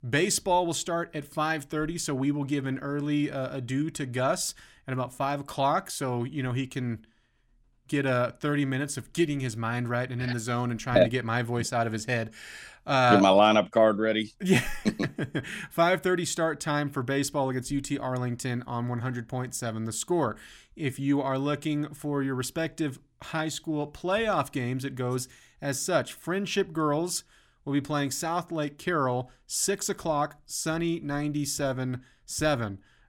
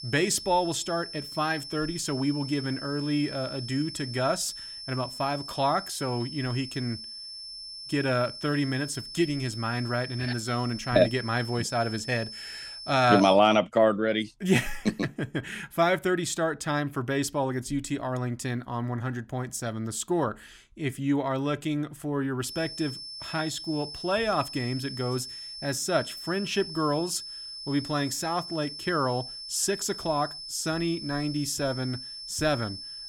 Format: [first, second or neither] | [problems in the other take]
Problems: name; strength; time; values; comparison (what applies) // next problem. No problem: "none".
first | high-pitched whine; loud; until 13 s and from 22 s on; 5.5 kHz, 9 dB below the speech